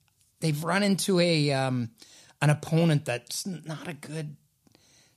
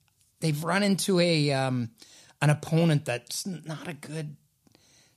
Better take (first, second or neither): neither